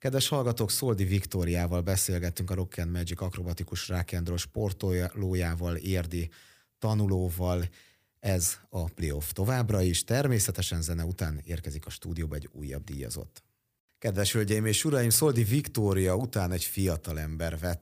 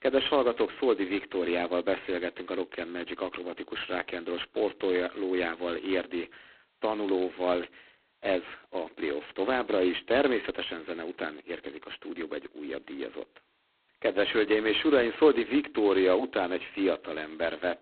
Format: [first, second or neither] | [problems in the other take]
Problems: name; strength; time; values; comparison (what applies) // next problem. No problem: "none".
first | phone-call audio; poor line; nothing above 3.5 kHz